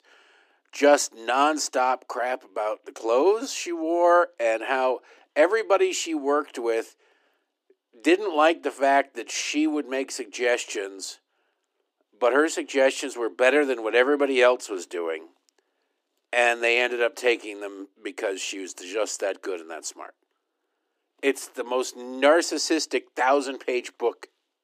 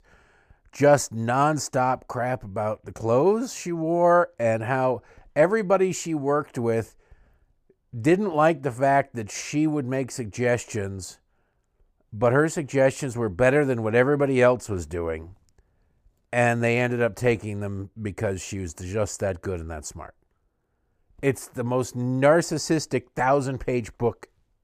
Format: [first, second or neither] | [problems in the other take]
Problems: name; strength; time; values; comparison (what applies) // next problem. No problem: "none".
second | thin; very slightly; fading below 300 Hz